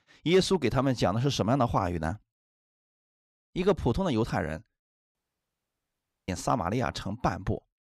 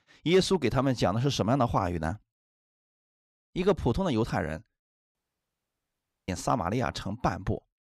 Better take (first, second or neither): neither